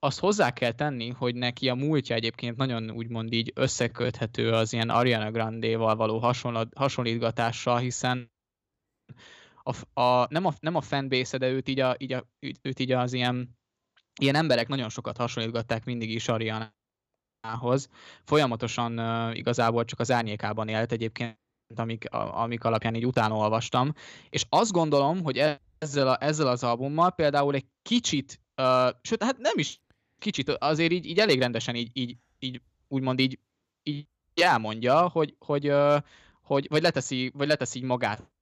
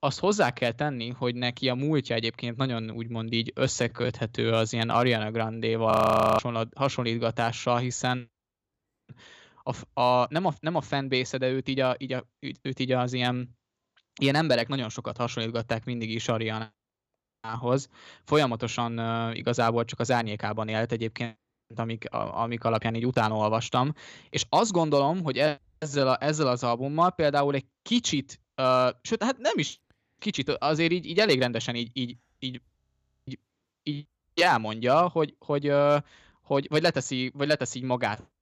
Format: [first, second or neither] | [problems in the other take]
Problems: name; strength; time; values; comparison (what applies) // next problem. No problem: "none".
first | audio freezing; at 6 s and at 33 s